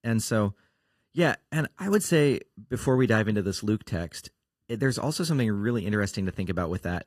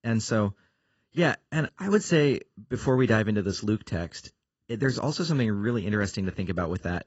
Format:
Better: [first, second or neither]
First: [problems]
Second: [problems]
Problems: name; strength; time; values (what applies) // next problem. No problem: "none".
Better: first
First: garbled, watery; slightly; nothing above 14.5 kHz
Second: garbled, watery; badly; nothing above 7.5 kHz